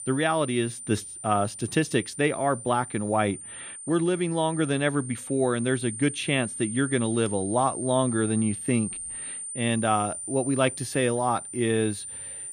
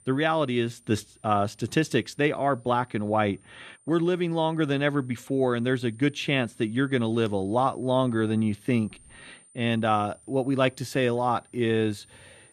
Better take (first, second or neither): second